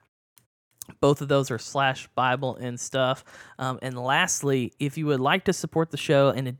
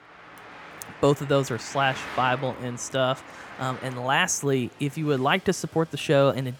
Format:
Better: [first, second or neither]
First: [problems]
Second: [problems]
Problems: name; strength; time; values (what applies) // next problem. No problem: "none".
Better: first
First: none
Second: traffic noise; noticeable; throughout; 15 dB below the speech